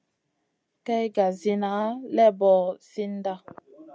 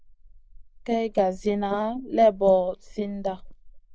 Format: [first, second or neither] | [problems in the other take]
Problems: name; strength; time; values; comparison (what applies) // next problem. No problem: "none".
first | noise reduction (neural mask model Resemble Enhance denoiser)